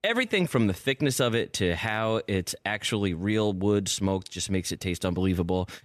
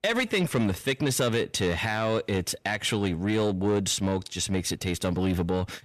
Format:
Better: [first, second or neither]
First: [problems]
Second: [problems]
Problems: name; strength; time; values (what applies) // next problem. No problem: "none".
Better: first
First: none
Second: distortion; slight; 10 dB below the speech